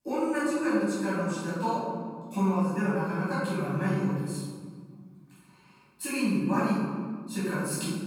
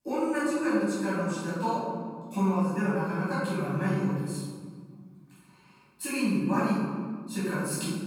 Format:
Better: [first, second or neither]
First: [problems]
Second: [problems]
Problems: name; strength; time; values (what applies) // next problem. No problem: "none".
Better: neither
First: off-mic speech; far // room echo; strong; dies away in 1.8 s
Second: off-mic speech; far // room echo; strong; dies away in 1.8 s